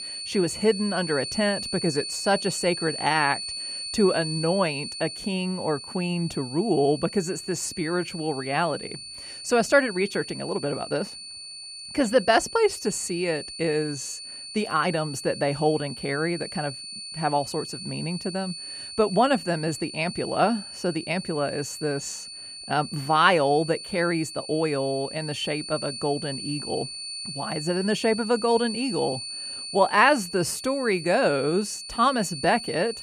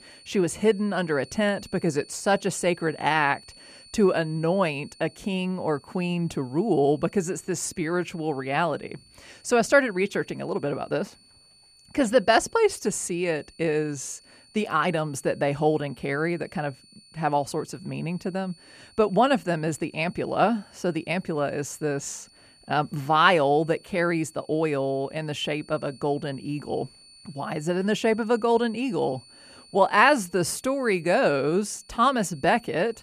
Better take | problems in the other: second | high-pitched whine; loud; throughout; 4.5 kHz, 9 dB below the speech; faint in the second

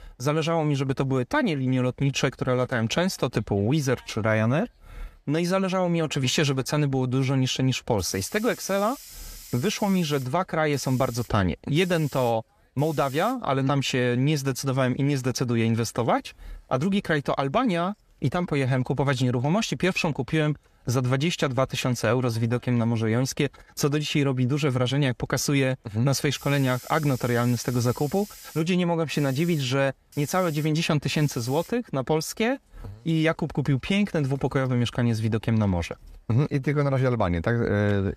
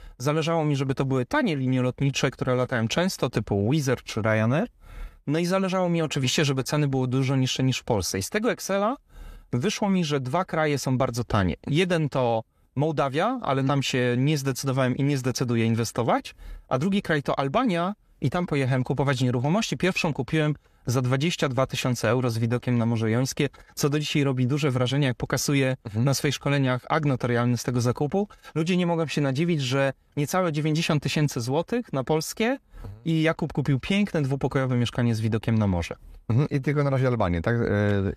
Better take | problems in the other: second | hiss; noticeable; throughout; 20 dB below the speech

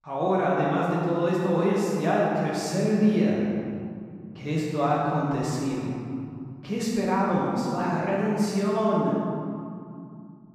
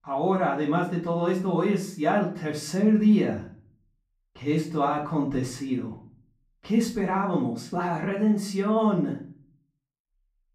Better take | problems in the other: second | room echo; strong; dies away in 2.3 s; slight in the second // off-mic speech; far; far in the second

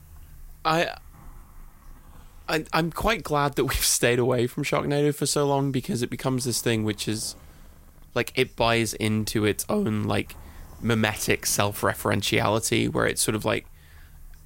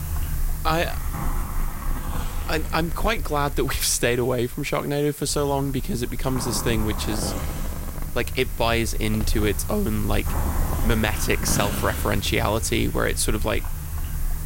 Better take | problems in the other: first | hiss; loud; throughout; 6 dB below the speech; faint in the first

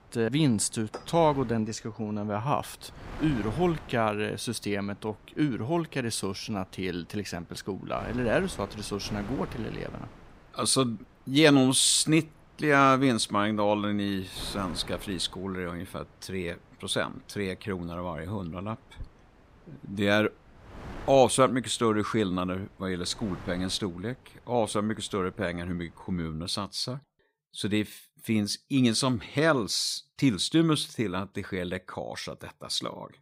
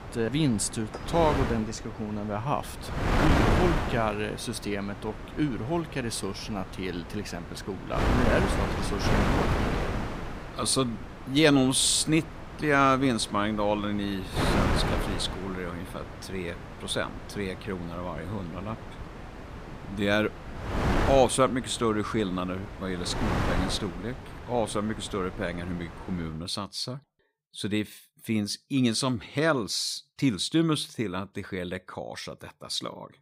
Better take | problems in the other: first | wind noise on the microphone; heavy; until 26 s; 5 dB below the speech; occasional gusts in the first

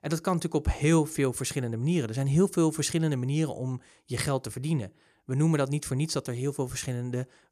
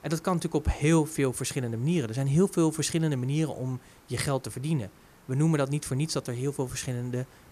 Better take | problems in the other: first | hiss; faint; throughout; 25 dB below the speech

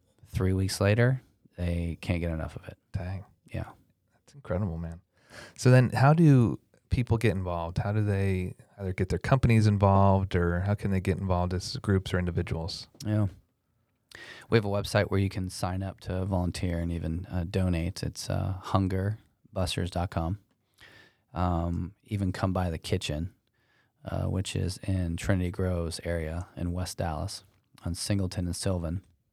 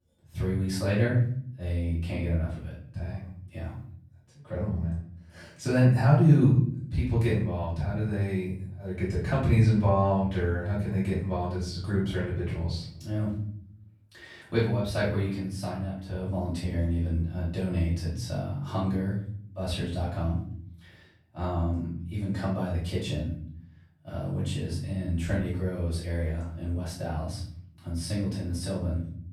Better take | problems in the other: first | off-mic speech; far // room echo; noticeable; dies away in 0.7 s

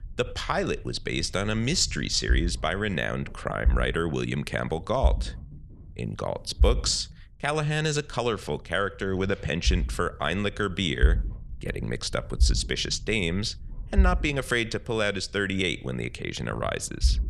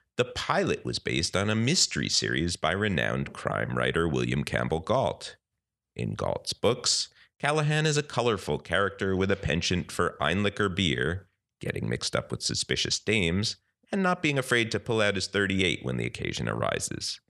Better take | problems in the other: second | low rumble; faint; throughout; 25 dB below the speech

